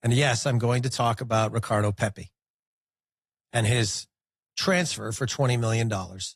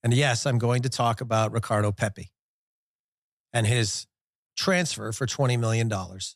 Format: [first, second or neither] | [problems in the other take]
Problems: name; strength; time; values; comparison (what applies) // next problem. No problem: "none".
second | garbled, watery; slightly